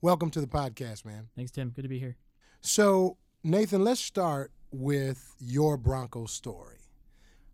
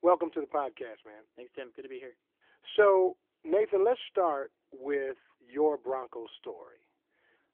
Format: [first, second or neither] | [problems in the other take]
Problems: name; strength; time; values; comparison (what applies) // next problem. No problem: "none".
first | phone-call audio; nothing above 3.5 kHz